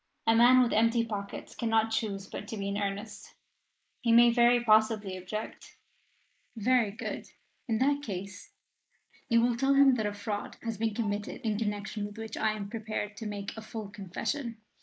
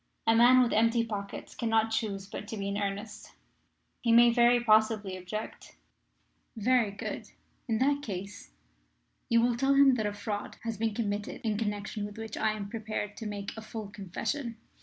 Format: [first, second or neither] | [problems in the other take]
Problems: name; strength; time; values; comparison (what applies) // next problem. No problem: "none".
second | noise reduction (neural mask model Resemble Enhance denoiser)